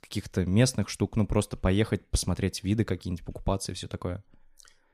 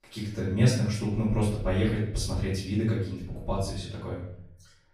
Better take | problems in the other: first | off-mic speech; far // room echo; noticeable; dies away in 0.6 s

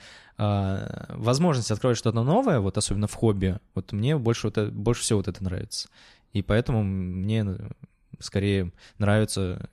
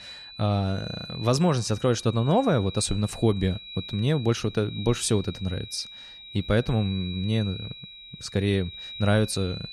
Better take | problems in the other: first | high-pitched whine; noticeable; throughout; 4 kHz, 15 dB below the speech

